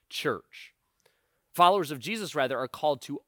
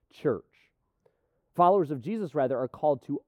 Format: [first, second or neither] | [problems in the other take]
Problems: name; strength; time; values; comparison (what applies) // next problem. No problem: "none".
first | muffled; very; fading above 1.5 kHz